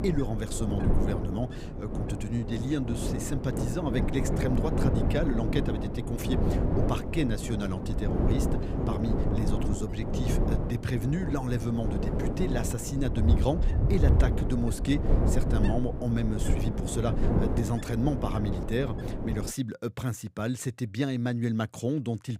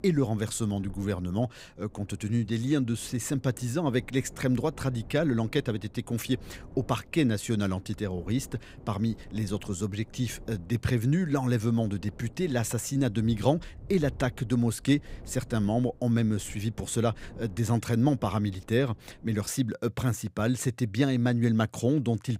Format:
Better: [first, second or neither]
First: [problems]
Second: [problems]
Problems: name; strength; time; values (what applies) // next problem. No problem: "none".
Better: second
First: wind noise on the microphone; heavy; until 20 s; 1 dB below the speech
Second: wind noise on the microphone; occasional gusts; until 20 s; 25 dB below the speech